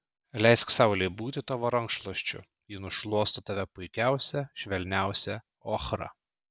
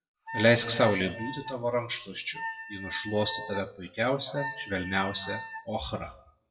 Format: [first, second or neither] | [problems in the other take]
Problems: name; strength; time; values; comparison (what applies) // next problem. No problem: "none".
first | noise reduction (classical method WPE with log-MMSE)